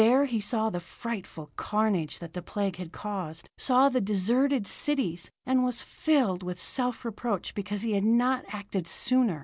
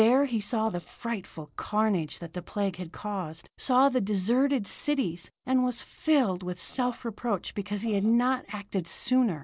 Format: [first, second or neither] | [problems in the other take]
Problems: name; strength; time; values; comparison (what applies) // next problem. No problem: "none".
first | noise reduction (neural separator model SepFormer DNS4)